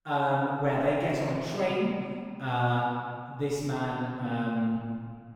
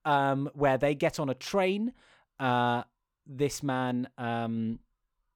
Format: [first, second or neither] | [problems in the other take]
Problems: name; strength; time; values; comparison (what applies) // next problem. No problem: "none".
second | off-mic speech; far // room echo; strong; dies away in 2.1 s